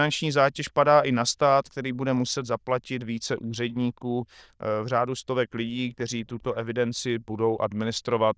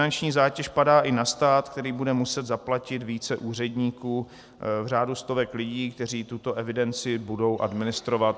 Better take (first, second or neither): second